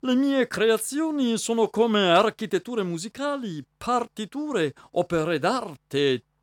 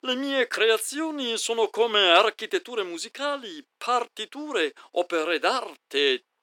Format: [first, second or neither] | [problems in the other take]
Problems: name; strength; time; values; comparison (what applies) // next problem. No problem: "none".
first | thin; somewhat; fading below 300 Hz